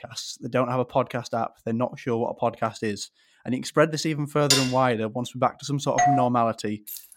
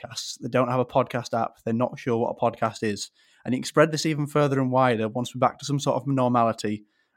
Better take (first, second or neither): second